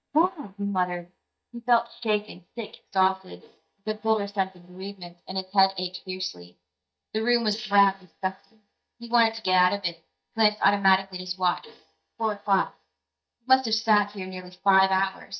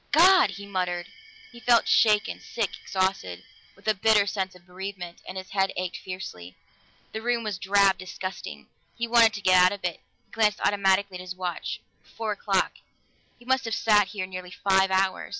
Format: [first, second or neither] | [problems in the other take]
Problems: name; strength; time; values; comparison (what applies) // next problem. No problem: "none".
second | noise reduction (neural mask model DeepFilterNet 3)